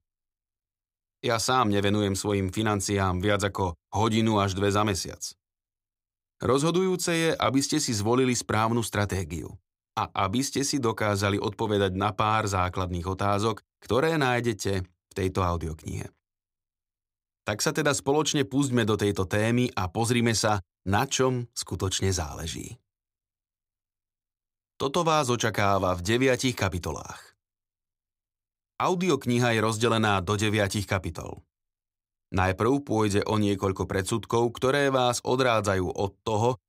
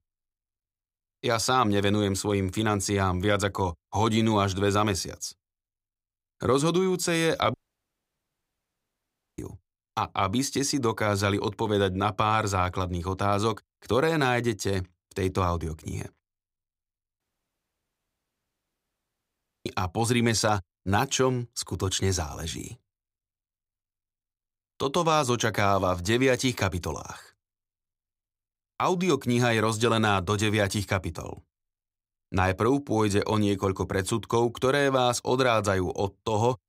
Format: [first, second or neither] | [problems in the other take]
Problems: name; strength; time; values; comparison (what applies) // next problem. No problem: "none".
first | audio cutting out; at 7.5 s for 2 s and at 17 s for 2.5 s